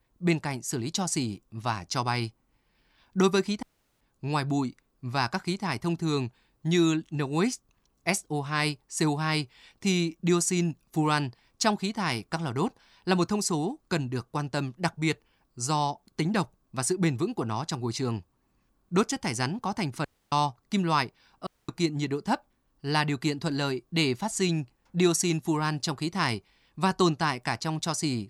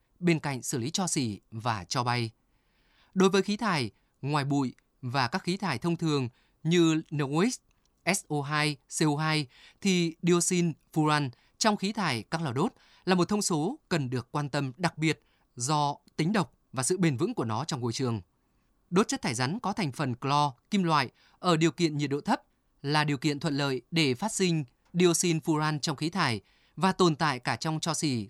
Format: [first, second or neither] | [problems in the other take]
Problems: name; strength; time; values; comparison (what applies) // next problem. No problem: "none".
second | audio cutting out; at 3.5 s, at 20 s and at 21 s